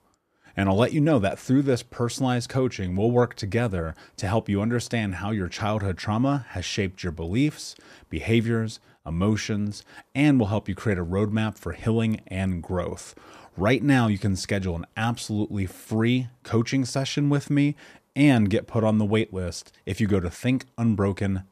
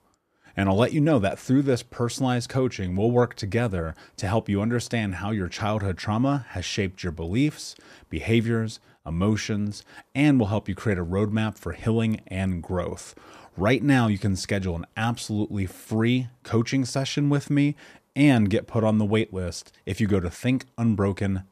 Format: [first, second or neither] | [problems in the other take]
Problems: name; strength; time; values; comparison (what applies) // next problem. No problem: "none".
neither | none